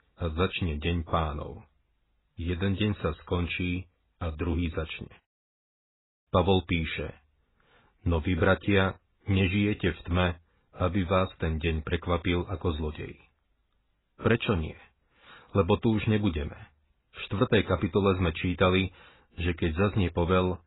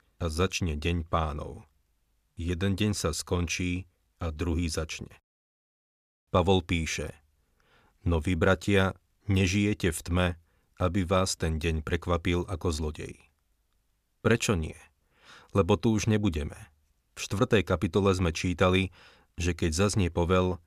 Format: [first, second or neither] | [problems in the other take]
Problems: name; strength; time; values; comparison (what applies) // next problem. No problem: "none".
second | garbled, watery; badly; nothing above 4 kHz